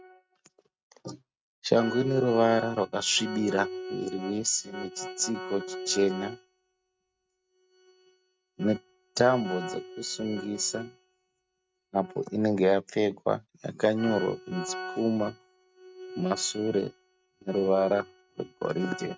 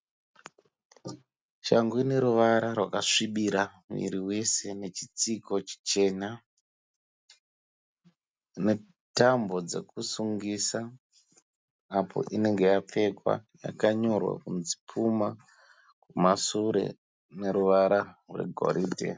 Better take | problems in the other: second | noise reduction (neural mask model RNNoise)

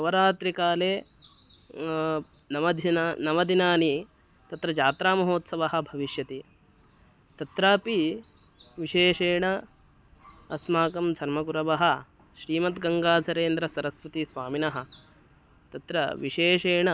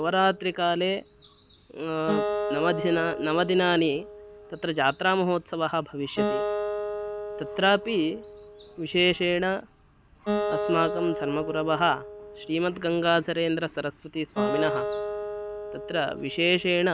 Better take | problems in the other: first | background sound (Acoustic guitar); 6 dB below the speech

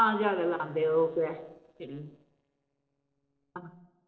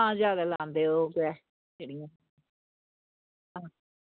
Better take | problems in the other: second | noise reduction (neural separator model SepFormer DNS4)

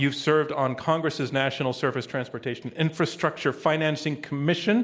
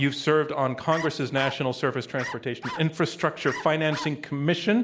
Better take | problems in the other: first | background sound (Bark); 13 dB below the speech

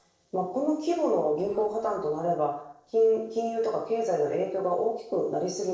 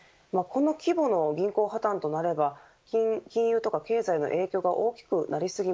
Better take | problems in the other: second | noise reduction (neural separator model SepFormer DNS4)

